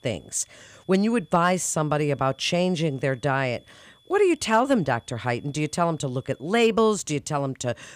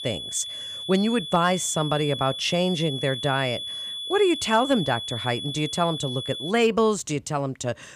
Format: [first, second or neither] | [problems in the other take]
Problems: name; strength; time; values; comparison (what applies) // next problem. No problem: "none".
first | high-pitched whine; loud; until 6.5 s; 3.5 kHz, 6 dB below the speech; faint in the first